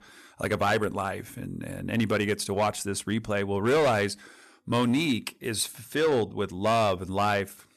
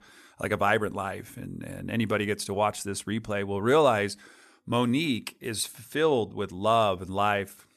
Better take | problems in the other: second | distortion; slight; 6% of the sound clipped

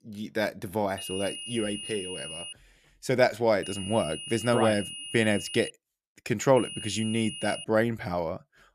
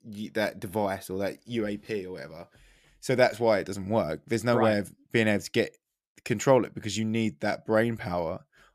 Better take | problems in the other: second | high-pitched whine; loud; from 1 to 2.5 s, from 3.5 to 5.5 s and from 6.5 to 7.5 s; 3 kHz, 9 dB below the speech

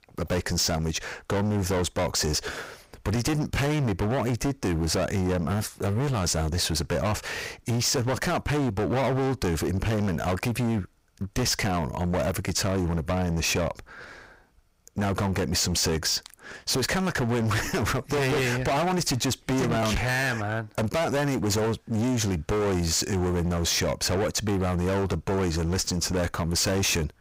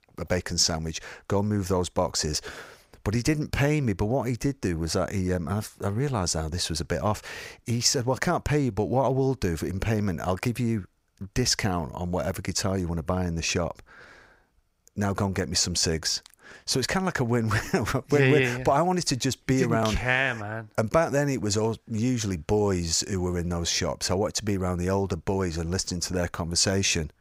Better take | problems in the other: second | distortion; heavy; 29% of the sound clipped

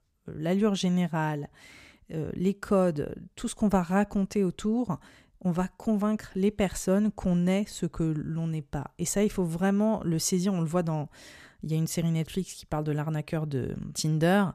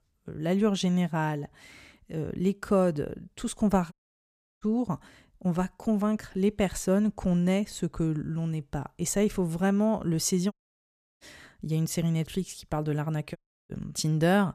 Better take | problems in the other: first | audio cutting out; at 4 s for 0.5 s, at 11 s for 0.5 s and at 13 s

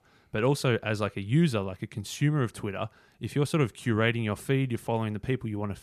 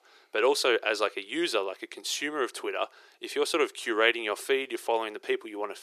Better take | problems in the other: first | thin; very; fading below 350 Hz

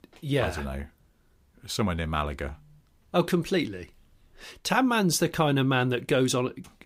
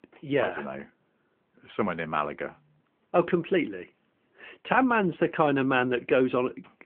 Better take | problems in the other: first | phone-call audio

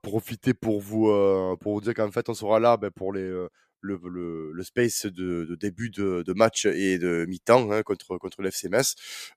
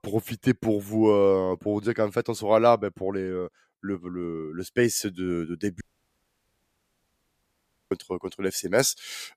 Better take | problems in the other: first | audio cutting out; at 6 s for 2 s

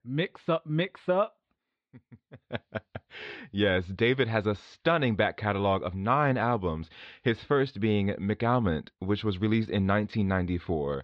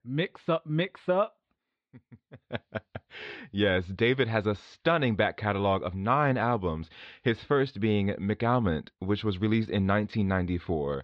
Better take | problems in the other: neither | muffled; slightly; fading above 4 kHz; the same in both

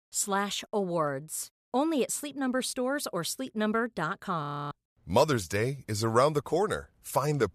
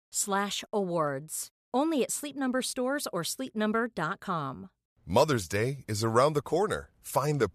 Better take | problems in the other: second | audio freezing; at 4.5 s

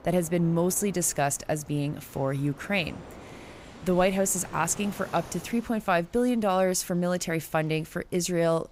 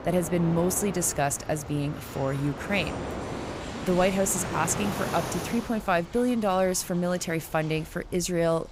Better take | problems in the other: first | train or aircraft noise; loud; throughout; 9 dB below the speech; faint in the first

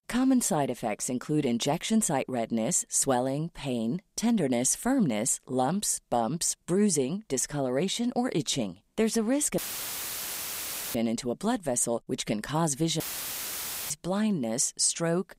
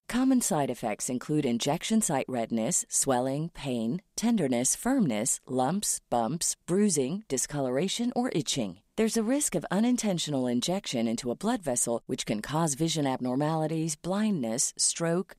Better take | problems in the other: second | audio cutting out; filled with static; at 9.5 s for 1.5 s and at 13 s for 1 s

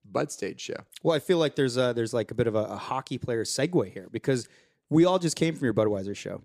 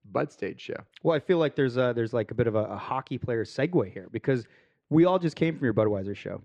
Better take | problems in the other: first | muffled; slightly; fading above 2.5 kHz

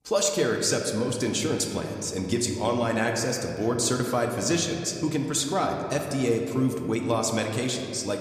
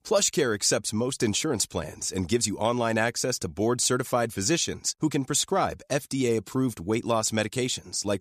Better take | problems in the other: second | room echo; slight; dies away in 2.1 s

